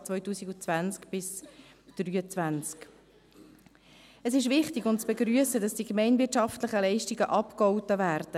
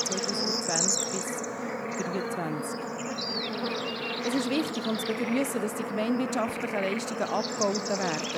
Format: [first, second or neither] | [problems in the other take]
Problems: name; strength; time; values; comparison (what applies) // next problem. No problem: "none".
first | background sound (Bird / Insect / Frog); 1 dB above the speech